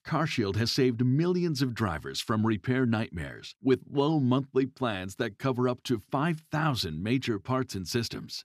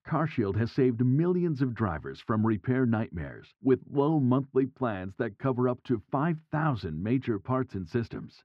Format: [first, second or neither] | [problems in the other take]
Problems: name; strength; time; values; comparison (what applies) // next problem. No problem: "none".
first | muffled; very; fading above 4 kHz